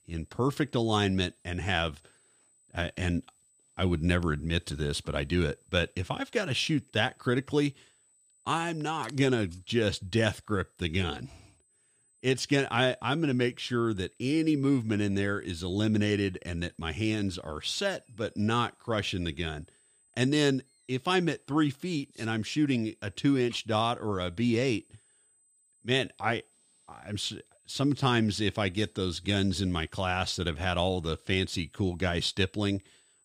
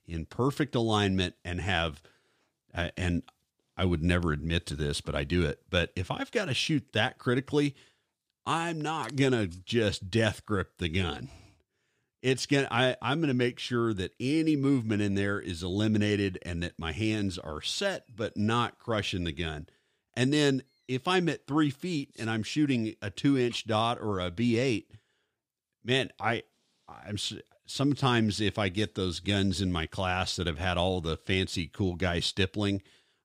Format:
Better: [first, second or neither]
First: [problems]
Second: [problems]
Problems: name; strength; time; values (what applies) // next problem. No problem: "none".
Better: second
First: high-pitched whine; faint; throughout; 8 kHz, 35 dB below the speech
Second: none